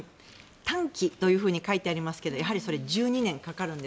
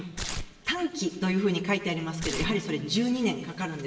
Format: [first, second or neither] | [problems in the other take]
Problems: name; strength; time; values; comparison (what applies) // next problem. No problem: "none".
first | background sound (Tearing); 6 dB below the speech // room echo; dies away in 1.1 s